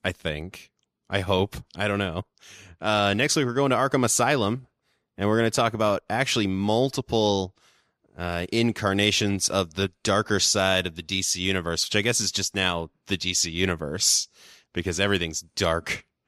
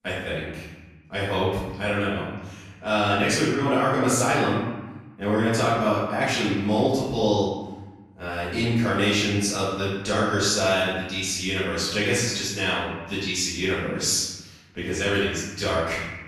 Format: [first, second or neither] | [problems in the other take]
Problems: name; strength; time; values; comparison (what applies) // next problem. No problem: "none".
first | room echo; noticeable; dies away in 1.1 s // off-mic speech; far